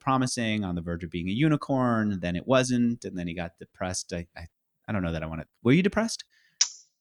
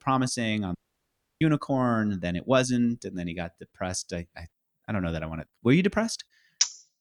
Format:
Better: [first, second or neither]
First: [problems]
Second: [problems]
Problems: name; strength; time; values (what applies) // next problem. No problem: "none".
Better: first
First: none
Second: audio cutting out; at 1 s for 0.5 s